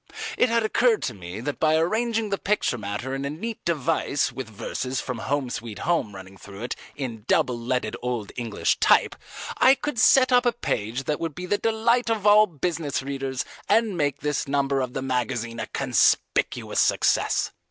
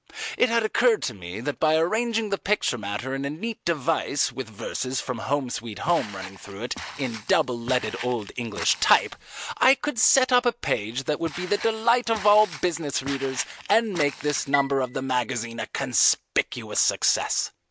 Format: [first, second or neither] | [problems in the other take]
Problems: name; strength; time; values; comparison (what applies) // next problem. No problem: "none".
first | background sound (Walk, footsteps + Chime); 13 dB below the speech